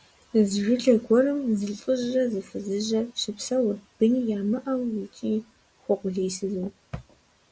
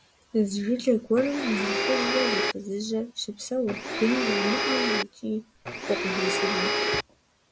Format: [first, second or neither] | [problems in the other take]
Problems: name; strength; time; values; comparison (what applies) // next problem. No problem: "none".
first | background sound (Domestic sounds, home sounds); 1 dB above the speech